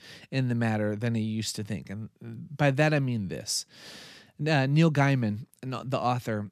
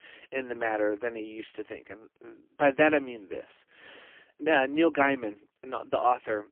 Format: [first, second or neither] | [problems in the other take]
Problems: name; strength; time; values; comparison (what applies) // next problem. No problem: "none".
first | phone-call audio; poor line; nothing above 3 kHz